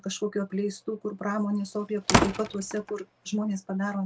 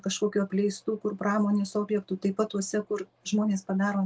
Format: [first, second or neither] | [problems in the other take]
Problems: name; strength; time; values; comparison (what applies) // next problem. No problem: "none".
second | background sound (Slam); 1 dB above the speech